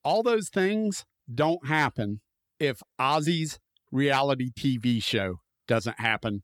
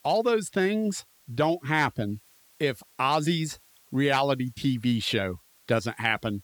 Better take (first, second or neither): first